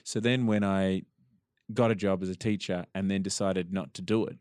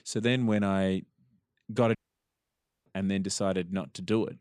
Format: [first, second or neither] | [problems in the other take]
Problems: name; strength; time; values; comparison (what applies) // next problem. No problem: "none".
first | audio cutting out; at 2 s for 1 s